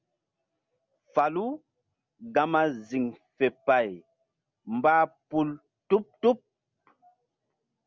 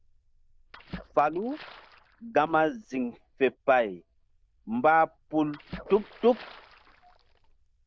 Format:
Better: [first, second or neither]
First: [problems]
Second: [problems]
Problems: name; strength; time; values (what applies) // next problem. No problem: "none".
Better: first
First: none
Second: noise reduction (neural diffusion model UNIVERSE++)